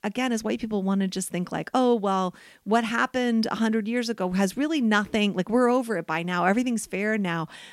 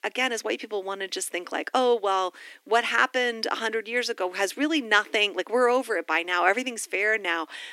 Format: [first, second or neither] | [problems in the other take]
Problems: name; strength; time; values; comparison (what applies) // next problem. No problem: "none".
first | thin; somewhat; fading below 300 Hz